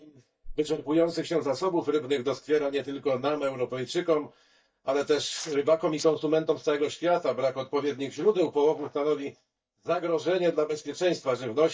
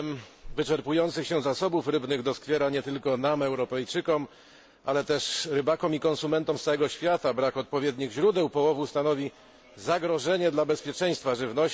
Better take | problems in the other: second | noise reduction (neural mask model DeepFilterNet 3)

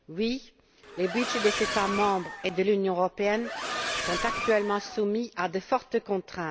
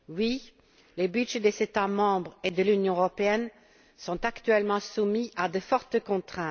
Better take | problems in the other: second | background sound (Accelerating, revving, vroom); 5 dB below the speech

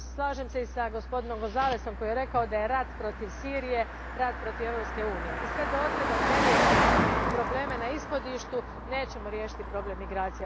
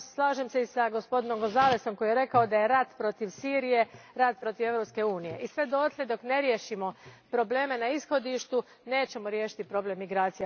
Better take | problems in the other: second | background sound (Car passing by); 2 dB above the speech

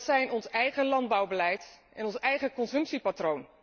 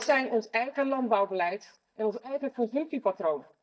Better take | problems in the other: first | noise reduction (neural mask model DeepFilterNet 3)

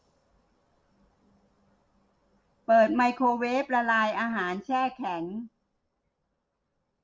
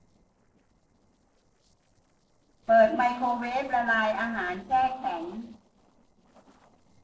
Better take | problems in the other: first | noise reduction (neural separator model SepFormer DNS4)

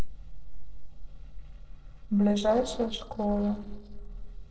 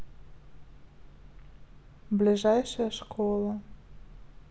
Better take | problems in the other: second | noise reduction (neural separator model SepFormer DNS4)

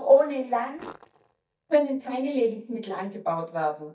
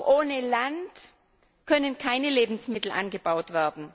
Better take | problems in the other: second | noise reduction (neural mask model DeepFilterNet 3)

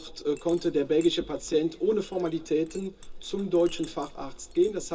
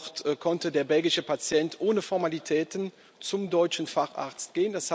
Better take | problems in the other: second | background sound (Chink, clink); 17 dB below the speech // room echo; dies away in 0.2 s

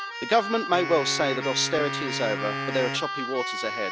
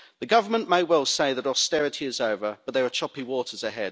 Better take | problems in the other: second | background sound (Wind instrument, woodwind instrument + Keyboard (musical)); 5 dB below the speech

